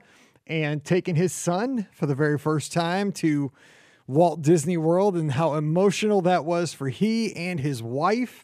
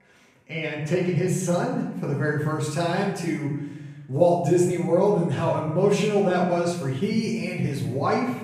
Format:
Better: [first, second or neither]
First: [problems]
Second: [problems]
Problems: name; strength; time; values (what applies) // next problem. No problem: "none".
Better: first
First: none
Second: off-mic speech; far // room echo; noticeable; dies away in 0.9 s